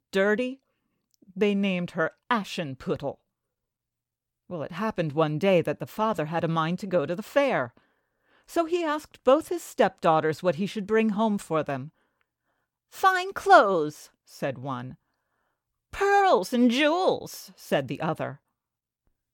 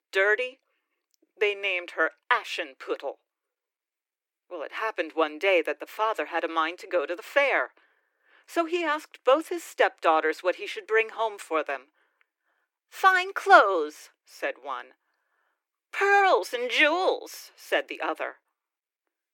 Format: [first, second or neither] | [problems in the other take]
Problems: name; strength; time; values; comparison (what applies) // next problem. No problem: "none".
first | thin; very; fading below 300 Hz